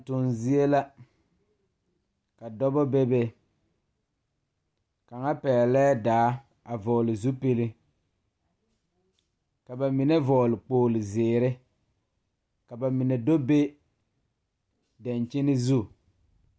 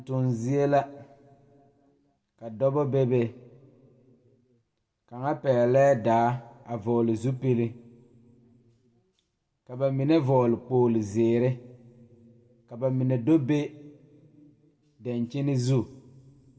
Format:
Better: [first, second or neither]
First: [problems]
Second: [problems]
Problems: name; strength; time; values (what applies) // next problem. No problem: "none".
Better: first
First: none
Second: room echo; dies away in 0.9 s